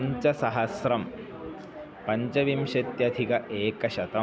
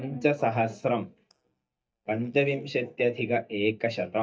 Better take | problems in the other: first | noise reduction (neural mask model DeepFilterNet 3)

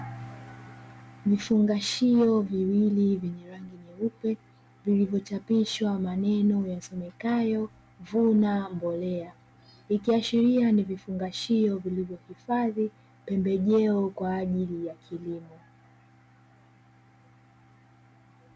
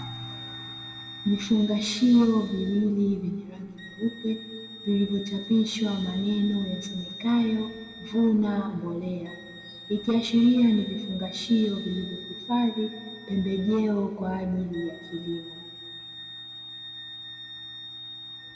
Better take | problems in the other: first | background sound (Wind instrument, woodwind instrument); 16 dB below the speech // room echo; dies away in 1.7 s

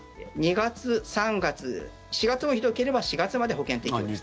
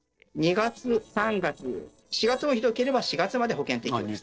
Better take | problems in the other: first | noise reduction (neural separator model SepFormer DNS4)

